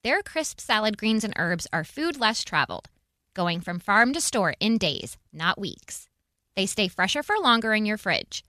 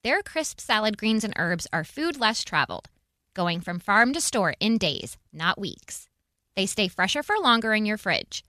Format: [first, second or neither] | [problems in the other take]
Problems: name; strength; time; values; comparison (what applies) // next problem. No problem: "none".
neither | none